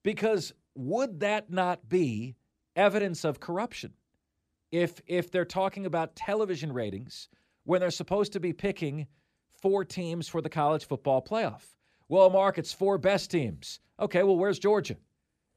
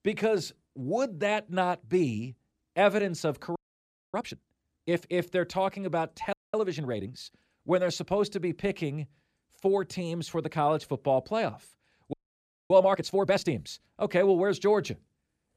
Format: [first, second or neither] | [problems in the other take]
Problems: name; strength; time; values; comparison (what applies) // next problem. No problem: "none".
first | audio freezing; at 3.5 s for 0.5 s, at 6.5 s and at 12 s for 0.5 s